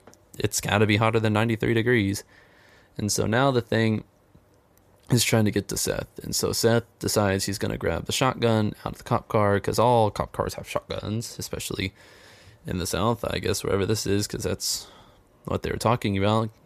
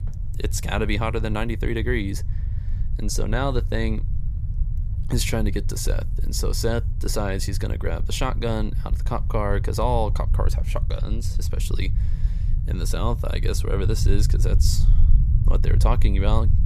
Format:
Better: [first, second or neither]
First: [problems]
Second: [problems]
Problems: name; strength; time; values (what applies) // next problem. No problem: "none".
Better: first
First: none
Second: low rumble; noticeable; throughout; 15 dB below the speech